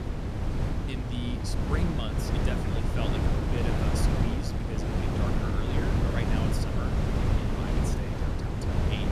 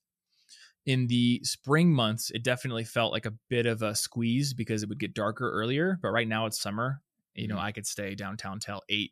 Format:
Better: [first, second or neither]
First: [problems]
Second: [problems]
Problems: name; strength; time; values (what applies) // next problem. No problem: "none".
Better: second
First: wind noise on the microphone; heavy; 5 dB above the speech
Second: none